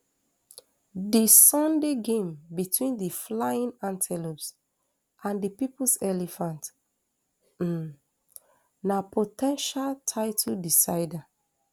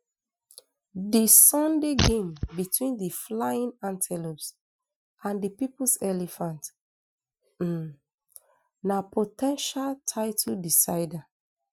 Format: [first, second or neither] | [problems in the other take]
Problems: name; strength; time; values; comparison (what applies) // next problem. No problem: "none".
first | noise reduction (classical method Wiener filter)